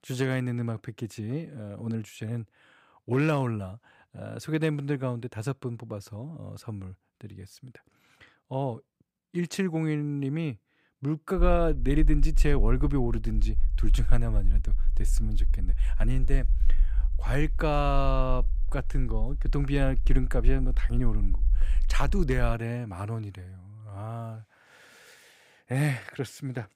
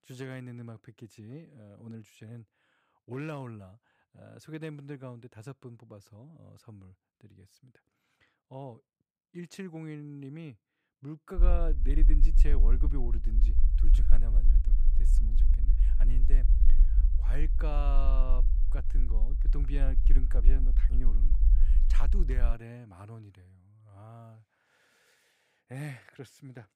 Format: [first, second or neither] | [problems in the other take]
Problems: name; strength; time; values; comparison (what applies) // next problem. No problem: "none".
first | low rumble; loud; from 11 to 23 s; 8 dB below the speech; faint in the first